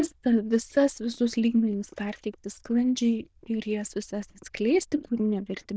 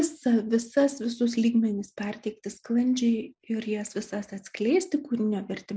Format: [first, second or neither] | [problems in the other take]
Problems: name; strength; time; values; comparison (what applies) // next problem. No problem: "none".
second | noise reduction (neural diffusion model UNIVERSE++)